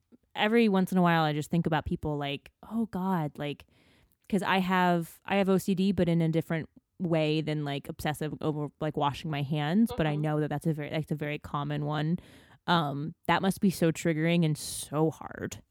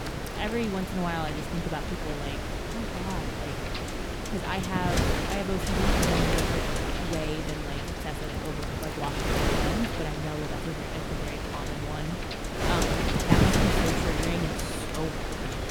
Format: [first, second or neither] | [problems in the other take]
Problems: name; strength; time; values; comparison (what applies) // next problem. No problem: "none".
first | wind noise on the microphone; heavy; 5 dB above the speech